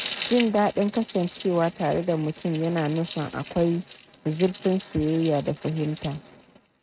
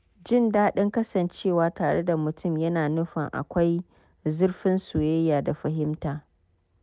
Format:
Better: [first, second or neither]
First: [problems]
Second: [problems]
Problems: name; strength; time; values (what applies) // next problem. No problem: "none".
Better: second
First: noise reduction (neural mask model RNNoise)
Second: none